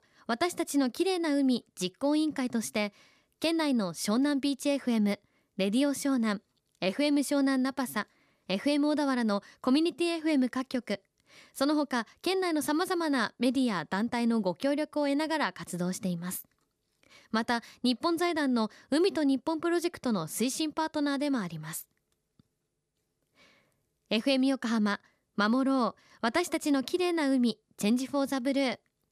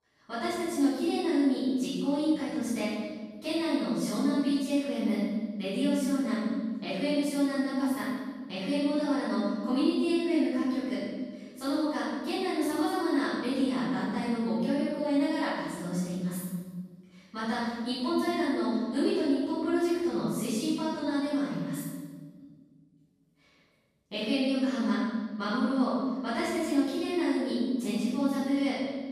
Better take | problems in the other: first | room echo; strong; dies away in 1.6 s // off-mic speech; far

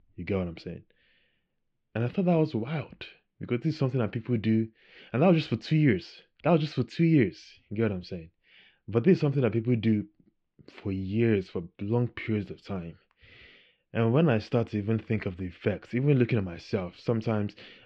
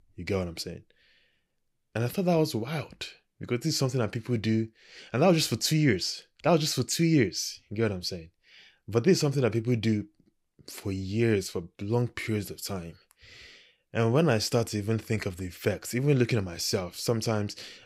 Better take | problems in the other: second | muffled; very; fading above 3 kHz

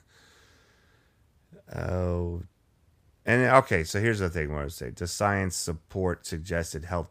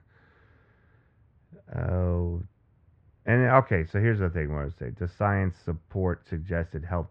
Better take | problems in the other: first | muffled; very; fading above 2 kHz

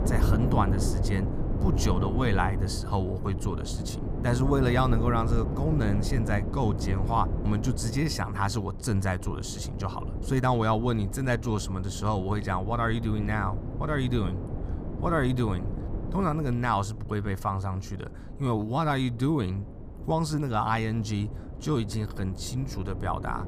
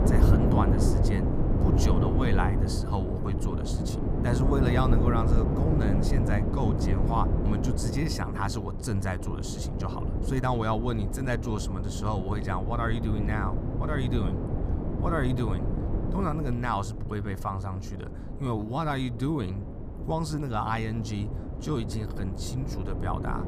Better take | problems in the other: first | wind noise on the microphone; heavy; 4 dB below the speech; occasional gusts in the first

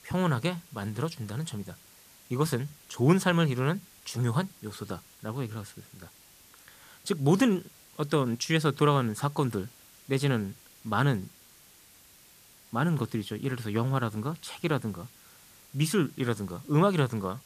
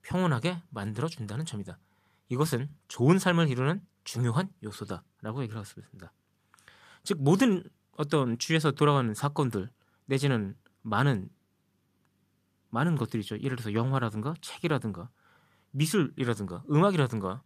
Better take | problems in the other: second | hiss; faint; throughout; 25 dB below the speech

